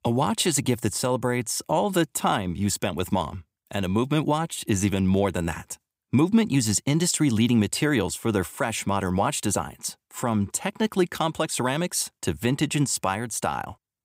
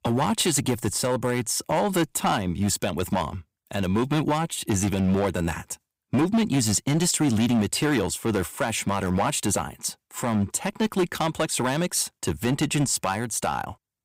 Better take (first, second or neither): first